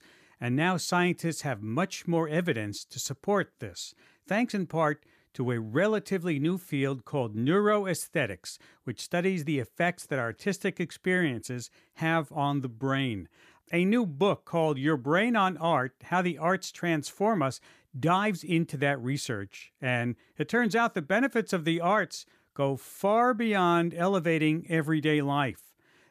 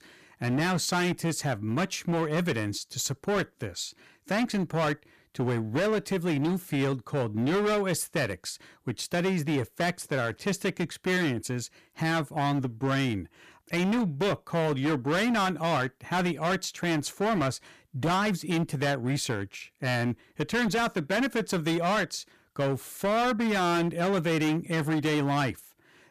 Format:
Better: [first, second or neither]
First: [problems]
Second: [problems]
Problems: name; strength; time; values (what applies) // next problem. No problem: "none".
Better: first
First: none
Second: distortion; heavy; 18% of the sound clipped